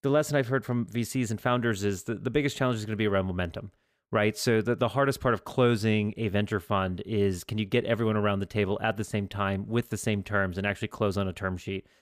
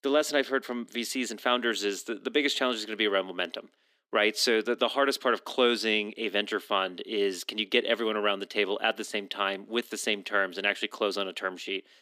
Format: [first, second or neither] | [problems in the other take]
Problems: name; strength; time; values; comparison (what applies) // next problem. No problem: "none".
first | thin; somewhat; fading below 250 Hz